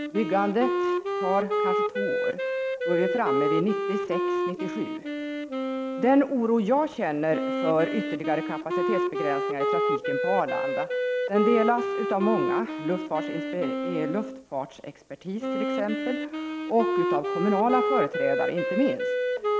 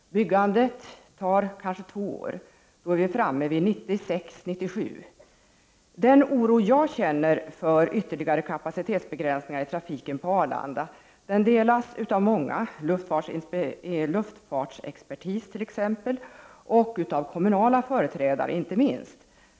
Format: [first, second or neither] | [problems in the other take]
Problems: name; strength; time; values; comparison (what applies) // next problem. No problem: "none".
second | background sound (Wind instrument, woodwind instrument); as loud as the speech